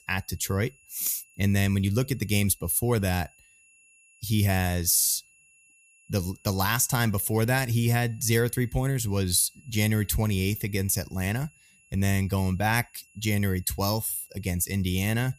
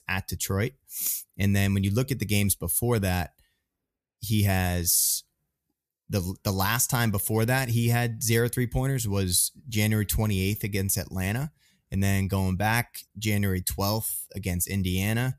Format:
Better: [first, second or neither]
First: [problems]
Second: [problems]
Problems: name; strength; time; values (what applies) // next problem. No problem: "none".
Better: second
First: high-pitched whine; faint; throughout; 2.5 kHz, 30 dB below the speech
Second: none